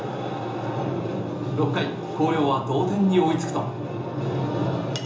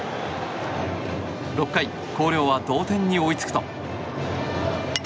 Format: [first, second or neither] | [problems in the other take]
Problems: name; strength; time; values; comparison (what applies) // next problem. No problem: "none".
second | room echo; dies away in 0.6 s